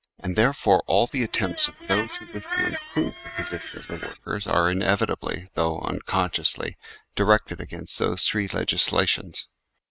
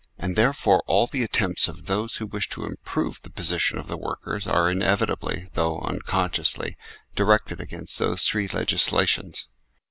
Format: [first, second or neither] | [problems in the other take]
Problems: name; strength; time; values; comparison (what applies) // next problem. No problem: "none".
second | noise reduction (neural mask model RNNoise)